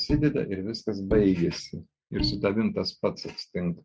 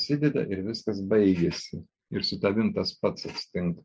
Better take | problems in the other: second | noise reduction (neural mask model RNNoise)

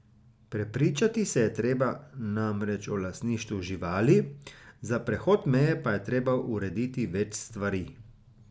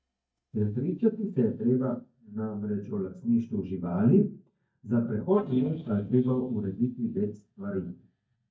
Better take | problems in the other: first | noise reduction (neural mask model DeepFilterNet 3)

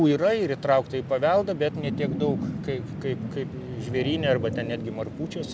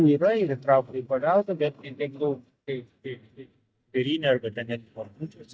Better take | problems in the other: first | noise reduction (neural mask model DeepFilterNet 3)

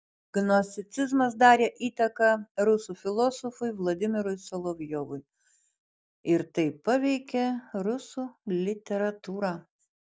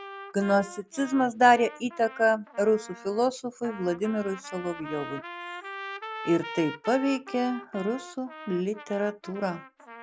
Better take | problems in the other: first | background sound (Trumpet); 14 dB below the speech

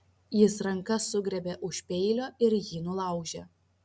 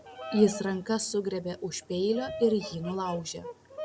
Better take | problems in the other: first | background sound (Bird vocalization, bird call, bird song); 13 dB below the speech

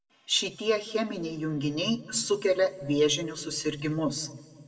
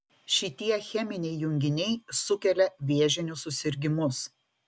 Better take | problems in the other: second | room echo; dies away in 1.1 s

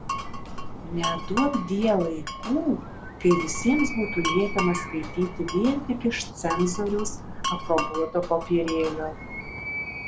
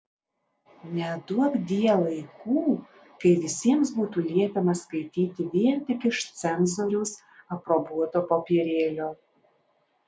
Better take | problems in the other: second | background sound (Glass + Animal); 6 dB below the speech

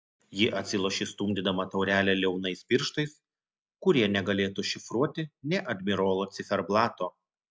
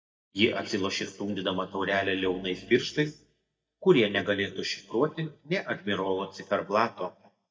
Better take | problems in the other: first | noise reduction (neural mask model DeepFilterNet 3)

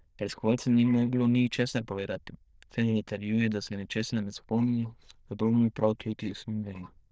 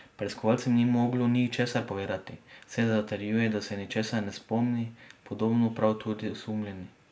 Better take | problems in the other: second | noise reduction (neural diffusion model UNIVERSE++)

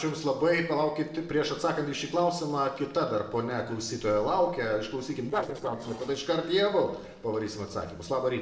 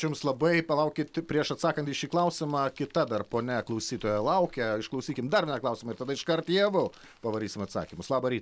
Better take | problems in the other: second | noise reduction (neural separator model SepFormer DNS4)

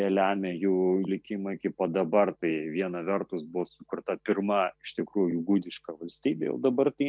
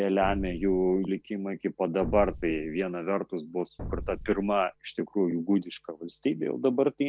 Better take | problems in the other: first | background sound (Explosion); 10 dB below the speech

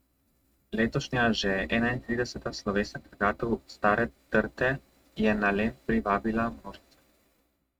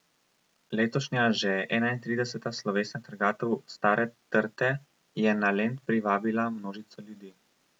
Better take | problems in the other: second | noise reduction (neural mask model RNNoise)

